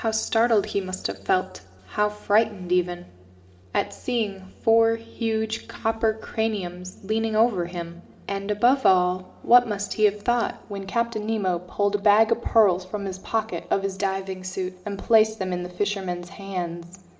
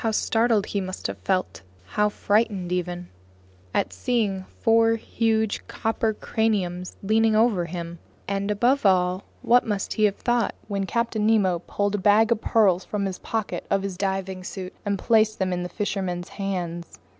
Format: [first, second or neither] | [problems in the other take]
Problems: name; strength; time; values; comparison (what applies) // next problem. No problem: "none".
second | room echo; dies away in 1.3 s